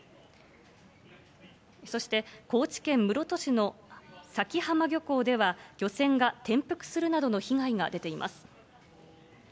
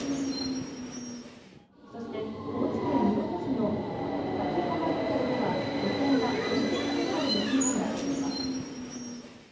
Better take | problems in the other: first | background sound (Subway, metro, underground); 1 dB above the speech // room echo; dies away in 1.2 s

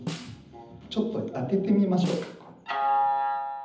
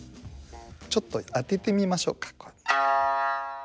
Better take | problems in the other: second | background sound (Snare drum); 14 dB below the speech // room echo; dies away in 0.8 s

